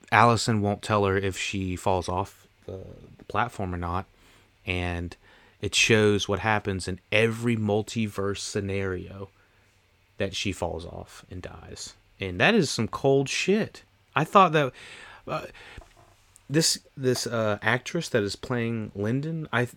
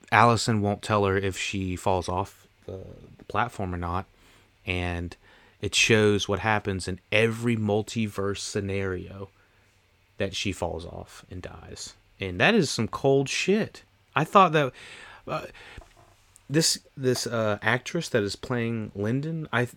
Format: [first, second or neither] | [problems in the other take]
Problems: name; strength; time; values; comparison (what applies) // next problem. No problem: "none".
neither | none